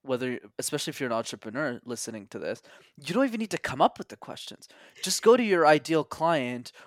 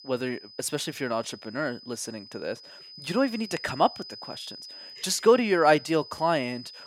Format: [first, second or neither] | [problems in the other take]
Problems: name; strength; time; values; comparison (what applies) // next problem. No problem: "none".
first | high-pitched whine; noticeable; throughout; 5 kHz, 15 dB below the speech